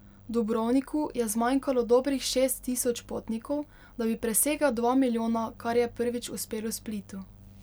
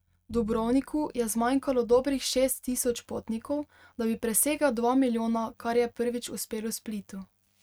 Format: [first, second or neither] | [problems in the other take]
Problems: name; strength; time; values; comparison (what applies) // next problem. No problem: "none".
first | noise reduction (neural mask model RNNoise)